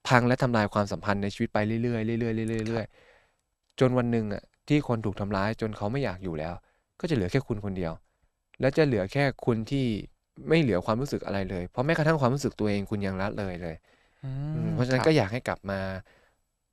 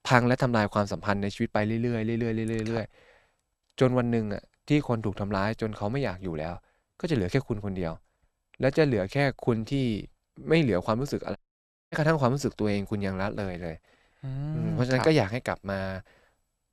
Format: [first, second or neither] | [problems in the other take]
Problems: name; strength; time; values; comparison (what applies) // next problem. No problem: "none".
first | audio cutting out; at 11 s for 0.5 s